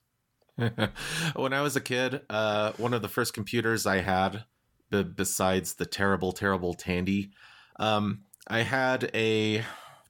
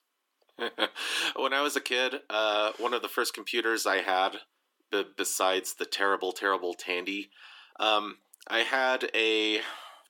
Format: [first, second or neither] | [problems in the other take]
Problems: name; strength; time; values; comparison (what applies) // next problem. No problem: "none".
first | thin; somewhat; fading below 300 Hz